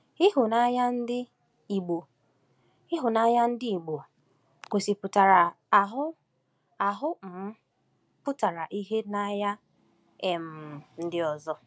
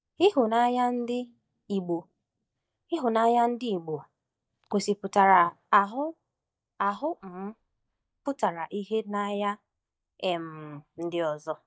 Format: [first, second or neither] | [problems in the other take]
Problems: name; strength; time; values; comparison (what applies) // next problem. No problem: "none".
first | noise reduction (neural mask model DeepFilterNet 3)